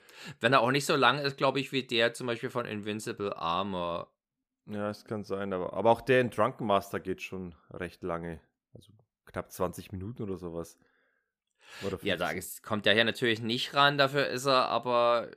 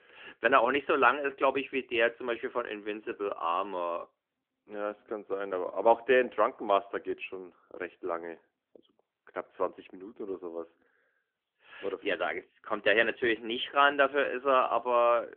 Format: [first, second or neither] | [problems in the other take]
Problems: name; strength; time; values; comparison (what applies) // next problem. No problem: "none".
first | phone-call audio; nothing above 3.5 kHz